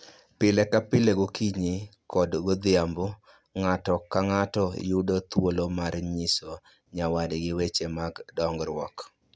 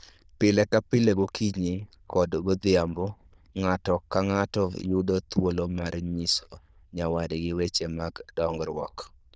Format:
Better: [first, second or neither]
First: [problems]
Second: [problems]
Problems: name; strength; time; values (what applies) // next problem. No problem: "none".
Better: first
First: none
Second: noise reduction (neural diffusion model UNIVERSE++)